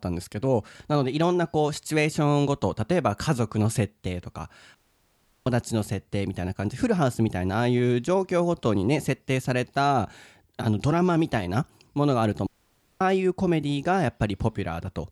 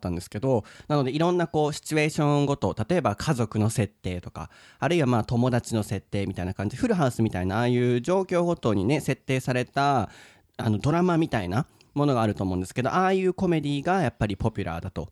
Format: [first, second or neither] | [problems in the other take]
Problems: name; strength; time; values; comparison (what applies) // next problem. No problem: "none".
second | audio cutting out; at 5 s for 0.5 s and at 12 s for 0.5 s